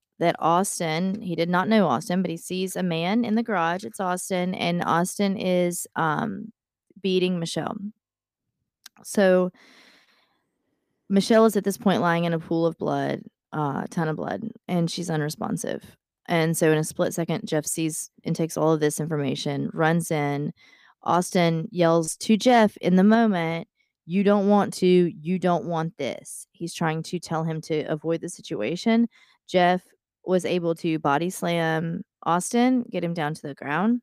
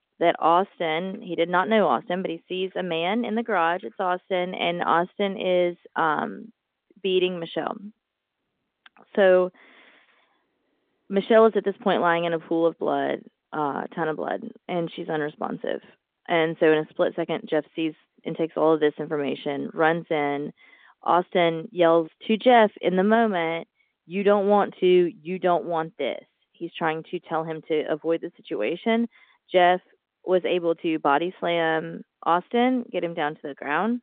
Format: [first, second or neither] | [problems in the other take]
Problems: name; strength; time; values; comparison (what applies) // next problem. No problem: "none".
first | phone-call audio; nothing above 3.5 kHz